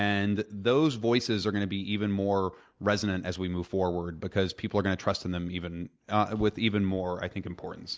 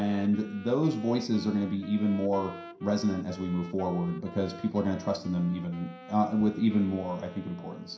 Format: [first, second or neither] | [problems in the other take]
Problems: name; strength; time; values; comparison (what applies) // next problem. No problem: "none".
first | background sound (Wind instrument, woodwind instrument); 17 dB below the speech // room echo; dies away in 0.5 s